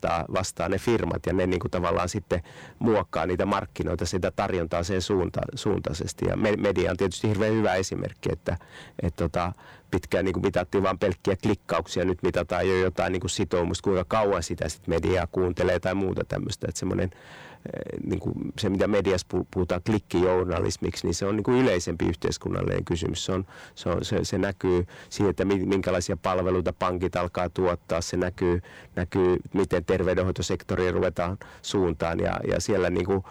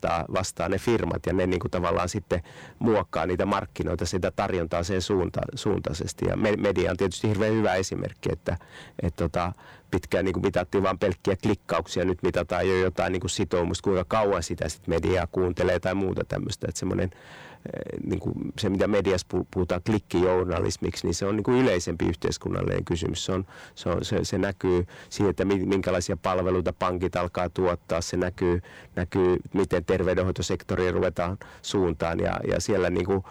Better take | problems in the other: neither | distortion; heavy; 8 dB below the speech; the same in both

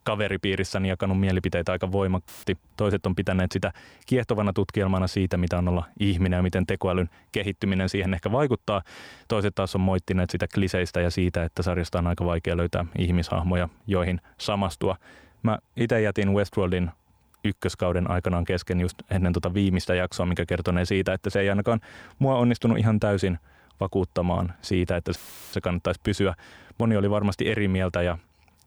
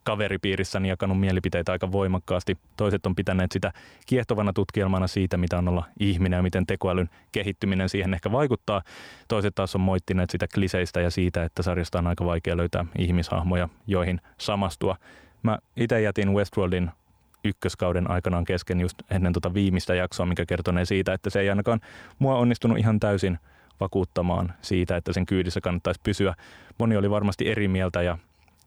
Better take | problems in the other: second | audio cutting out; filled with static; at 2.5 s and at 25 s

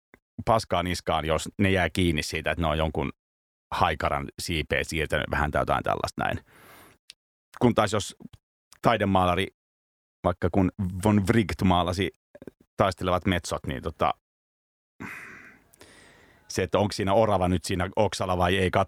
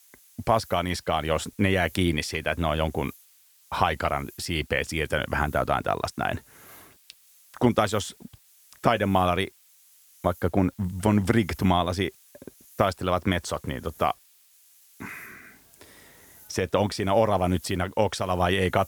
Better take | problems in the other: first | hiss; faint; throughout; 25 dB below the speech

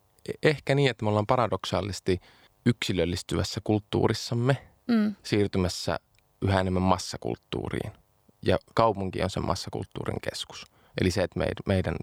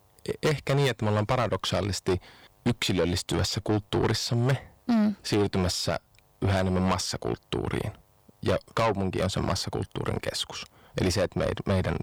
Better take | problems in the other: first | distortion; heavy; 6 dB below the speech

